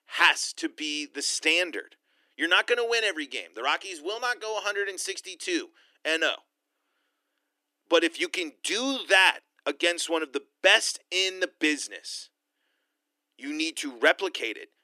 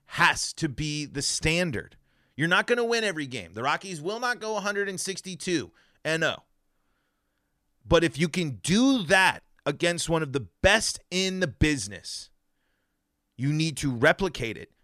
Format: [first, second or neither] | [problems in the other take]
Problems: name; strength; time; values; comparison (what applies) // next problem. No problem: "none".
second | thin; somewhat; fading below 300 Hz